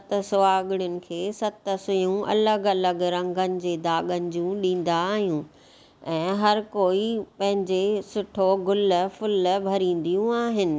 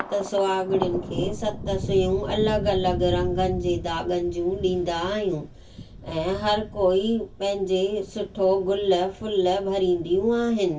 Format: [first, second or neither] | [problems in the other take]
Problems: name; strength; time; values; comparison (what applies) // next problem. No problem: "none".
first | background sound (Thunder); 10 dB below the speech // room echo; dies away in 0.2 s